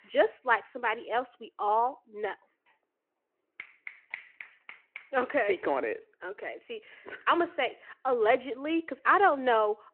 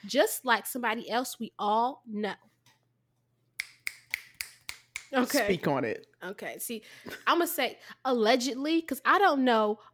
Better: second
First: phone-call audio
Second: none

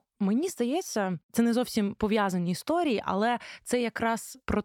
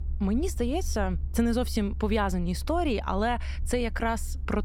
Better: first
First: none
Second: low rumble; faint; throughout; 25 dB below the speech

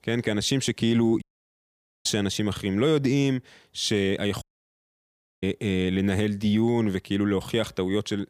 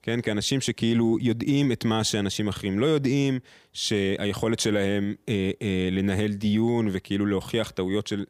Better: second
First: audio cutting out; at 1 s for 1 s and at 4.5 s for 1 s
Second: none

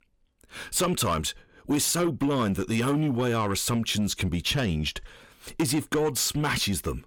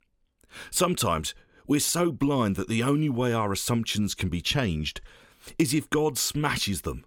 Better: second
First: distortion; slight; 10 dB below the speech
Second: none

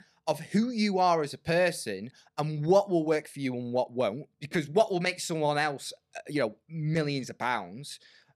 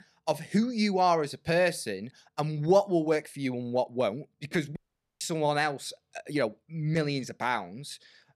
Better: first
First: none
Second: audio cutting out; at 5 s

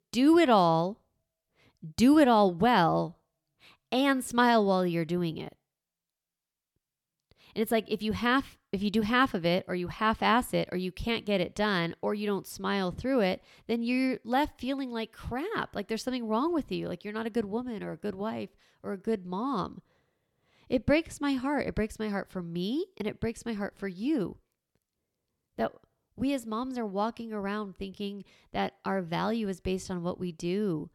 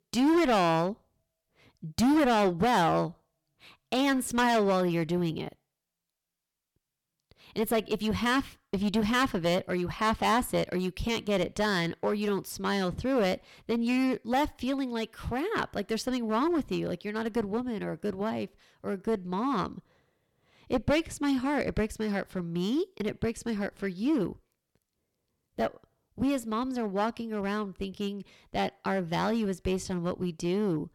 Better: first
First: none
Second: distortion; heavy; 8% of the sound clipped

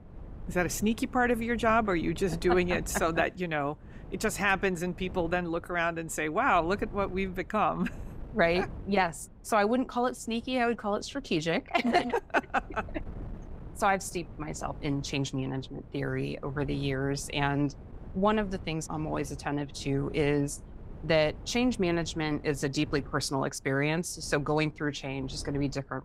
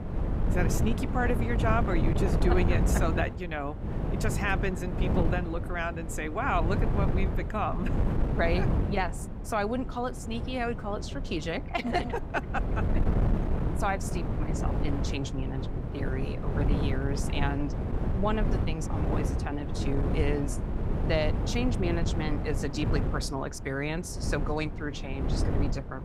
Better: first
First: wind noise on the microphone; occasional gusts; 25 dB below the speech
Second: wind noise on the microphone; heavy; 6 dB below the speech

